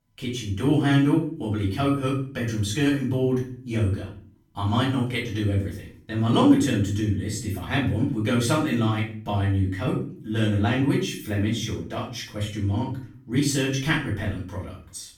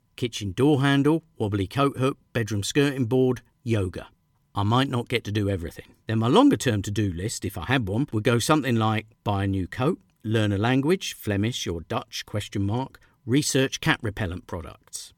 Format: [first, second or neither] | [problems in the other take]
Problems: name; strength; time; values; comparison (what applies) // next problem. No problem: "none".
second | off-mic speech; far // room echo; noticeable; dies away in 0.4 s